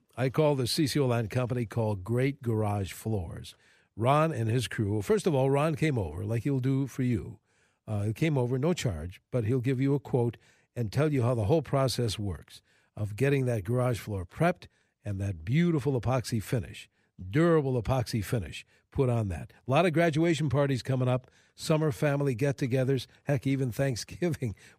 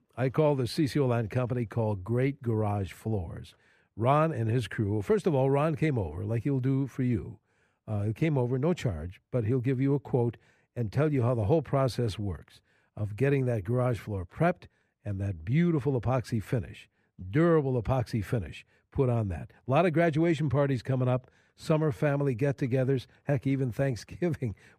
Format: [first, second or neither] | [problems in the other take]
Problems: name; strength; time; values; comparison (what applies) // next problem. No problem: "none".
first | muffled; slightly; fading above 3 kHz